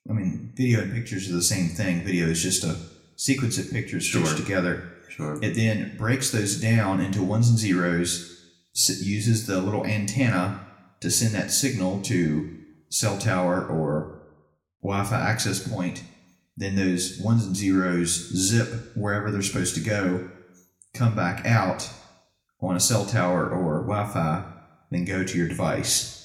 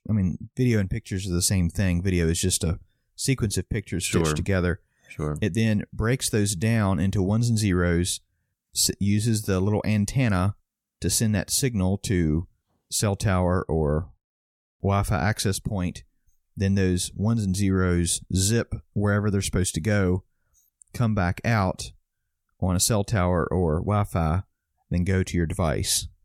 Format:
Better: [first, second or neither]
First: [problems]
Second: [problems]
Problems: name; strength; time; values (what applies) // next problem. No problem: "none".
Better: second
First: room echo; very slight; dies away in 0.7 s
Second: none